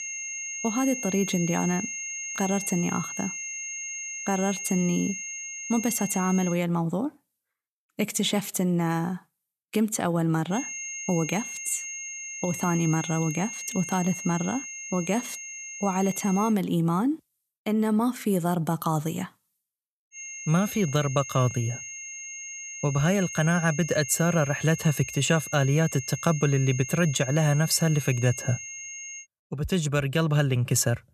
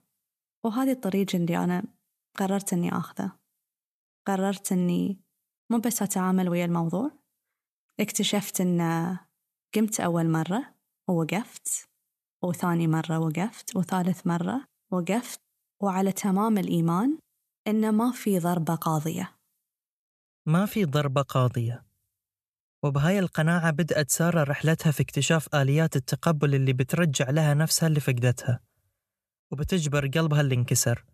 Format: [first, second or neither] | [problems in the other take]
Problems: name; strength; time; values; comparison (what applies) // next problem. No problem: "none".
second | high-pitched whine; loud; until 6.5 s, from 11 to 17 s and from 20 to 29 s; 6.5 kHz, 8 dB below the speech